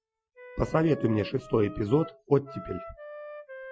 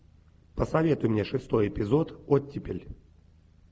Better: second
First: noise reduction (classical method Wiener filter)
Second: none

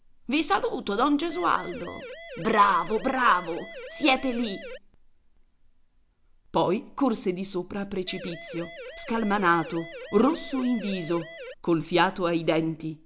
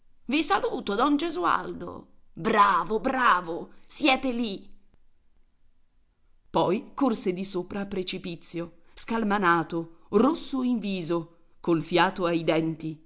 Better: second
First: background sound (Siren); 14 dB below the speech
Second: none

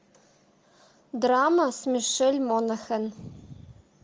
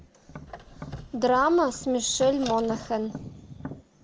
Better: first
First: none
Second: background sound (Tap + Squeak); 15 dB below the speech

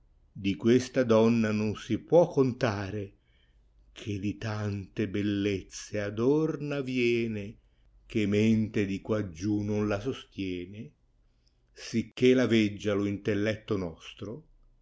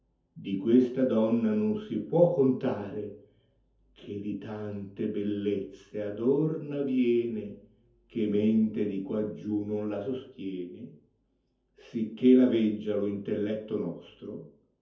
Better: first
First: none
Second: room echo; dies away in 0.5 s

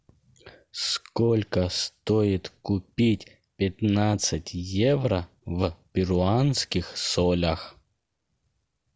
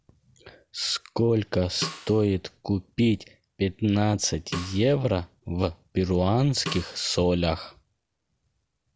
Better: first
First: none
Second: background sound (Snare drum); 14 dB below the speech

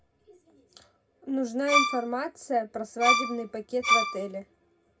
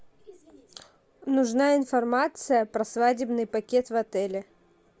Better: second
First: background sound (Bowed string instrument); 5 dB above the speech // room echo; dies away in 0.2 s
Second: none

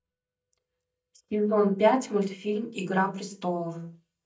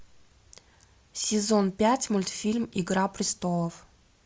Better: second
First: noise reduction (neural mask model DeepFilterNet 3)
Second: none

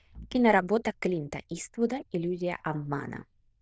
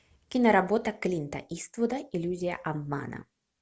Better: second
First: noise reduction (neural diffusion model UNIVERSE++)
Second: none

